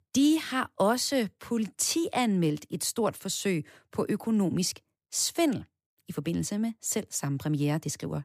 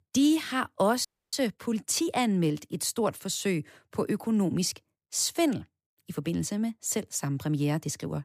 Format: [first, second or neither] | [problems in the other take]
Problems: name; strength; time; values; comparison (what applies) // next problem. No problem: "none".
first | audio freezing; at 1 s